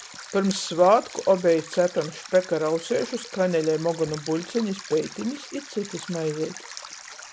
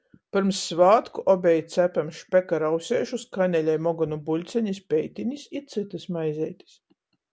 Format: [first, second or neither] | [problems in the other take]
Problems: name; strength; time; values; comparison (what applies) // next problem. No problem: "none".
second | background sound (Stream); 16 dB below the speech